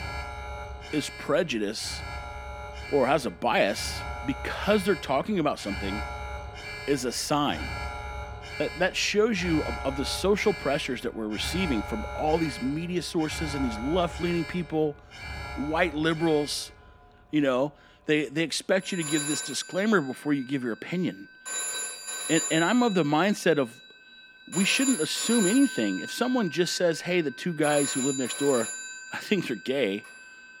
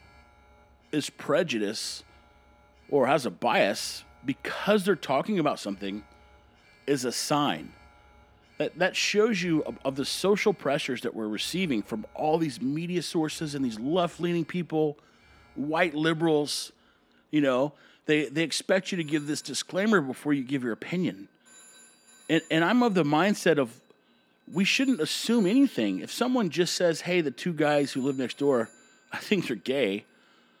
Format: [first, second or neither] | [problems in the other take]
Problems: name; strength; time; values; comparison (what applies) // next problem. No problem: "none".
second | alarms or sirens; loud; throughout; 8 dB below the speech; faint in the second